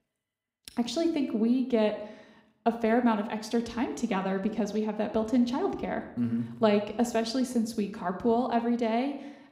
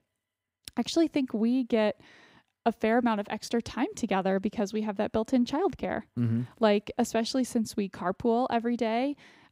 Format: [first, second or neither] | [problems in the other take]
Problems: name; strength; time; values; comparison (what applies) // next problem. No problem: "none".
second | room echo; slight; dies away in 0.6 s